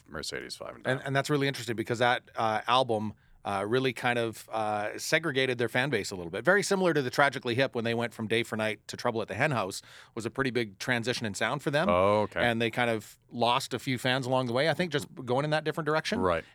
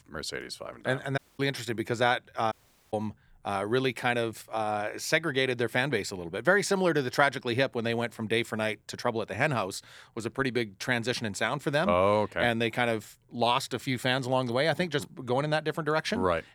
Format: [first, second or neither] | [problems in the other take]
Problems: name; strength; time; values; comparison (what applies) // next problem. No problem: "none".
first | audio cutting out; at 1 s and at 2.5 s